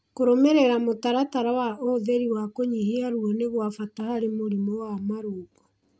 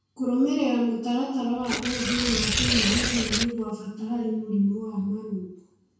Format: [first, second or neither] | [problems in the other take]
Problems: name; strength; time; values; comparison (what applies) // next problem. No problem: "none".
first | background sound (Tearing); as loud as the speech // room echo; dies away in 0.6 s